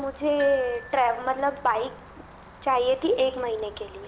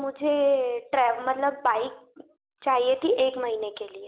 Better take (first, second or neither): second